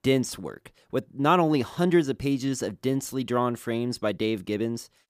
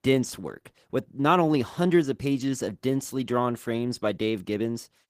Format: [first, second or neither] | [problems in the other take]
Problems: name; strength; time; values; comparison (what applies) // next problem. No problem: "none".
first | garbled, watery; slightly; nothing above 15 kHz